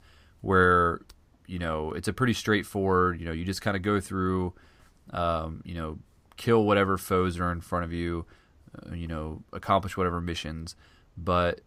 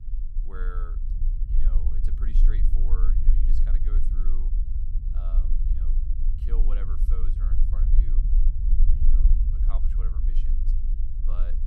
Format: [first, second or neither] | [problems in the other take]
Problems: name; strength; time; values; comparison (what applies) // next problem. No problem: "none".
first | low rumble; loud; throughout; 2 dB below the speech